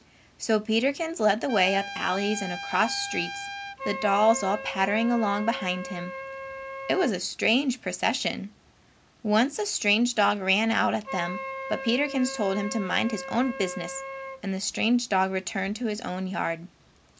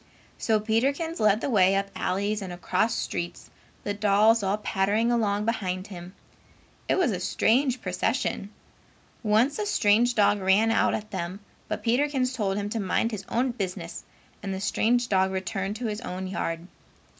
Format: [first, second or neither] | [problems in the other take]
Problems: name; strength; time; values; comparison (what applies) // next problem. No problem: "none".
second | background sound (Trumpet + Wind instrument, woodwind instrument); 12 dB below the speech